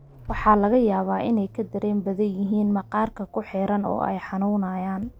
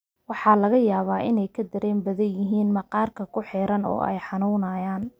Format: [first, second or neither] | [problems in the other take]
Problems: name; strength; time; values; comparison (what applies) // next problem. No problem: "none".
second | background sound (Accelerating, revving, vroom); 19 dB below the speech